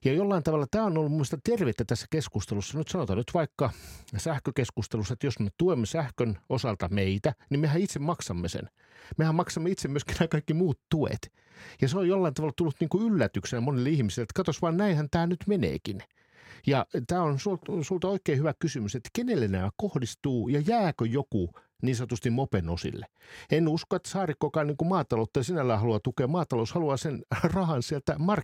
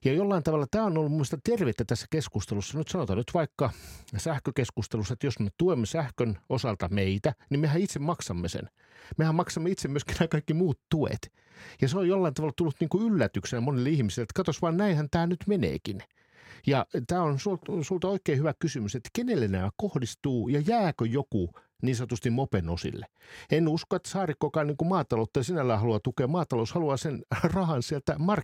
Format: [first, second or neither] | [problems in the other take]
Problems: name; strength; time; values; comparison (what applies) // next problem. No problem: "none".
neither | none